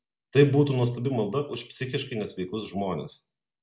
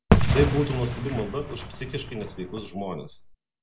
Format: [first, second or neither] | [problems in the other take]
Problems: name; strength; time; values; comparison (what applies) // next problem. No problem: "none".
first | background sound (Fireworks); 3 dB above the speech